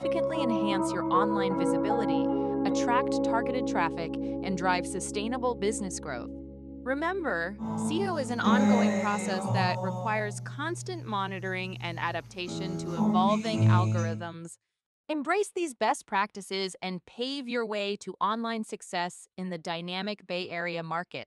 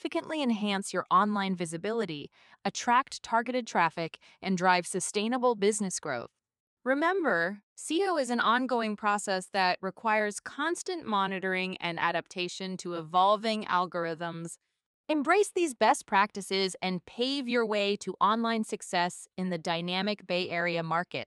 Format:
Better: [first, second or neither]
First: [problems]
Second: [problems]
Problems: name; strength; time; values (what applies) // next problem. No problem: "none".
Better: second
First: background music; very loud; until 14 s; 3 dB above the speech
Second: none